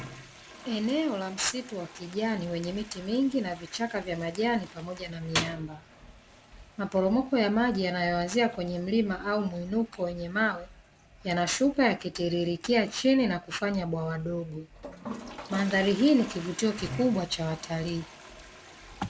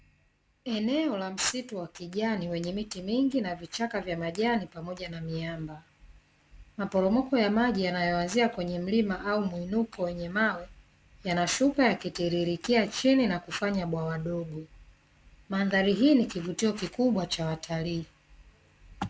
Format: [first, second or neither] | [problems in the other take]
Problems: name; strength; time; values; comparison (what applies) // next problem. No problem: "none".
second | background sound (Toilet flush); 16 dB below the speech